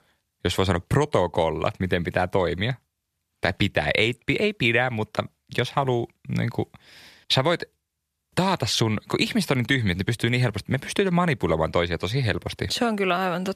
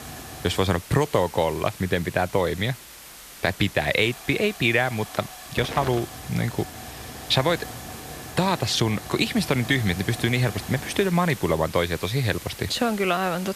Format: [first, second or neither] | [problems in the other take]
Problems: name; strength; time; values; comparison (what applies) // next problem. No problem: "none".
first | hiss; noticeable; throughout; 15 dB below the speech